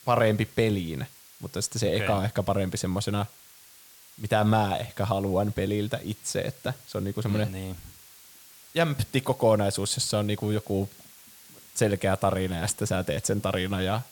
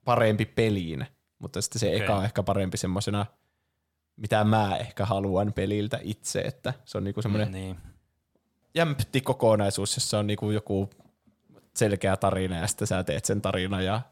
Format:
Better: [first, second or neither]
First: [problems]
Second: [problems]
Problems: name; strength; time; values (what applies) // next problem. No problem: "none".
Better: second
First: hiss; faint; throughout; 20 dB below the speech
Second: none